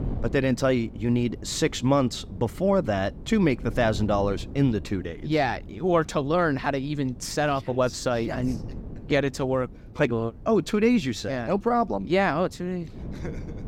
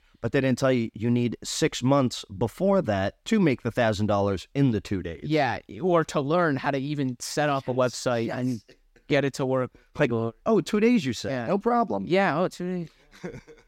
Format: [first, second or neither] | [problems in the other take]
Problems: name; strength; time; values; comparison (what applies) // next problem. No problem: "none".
second | wind noise on the microphone; occasional gusts; 20 dB below the speech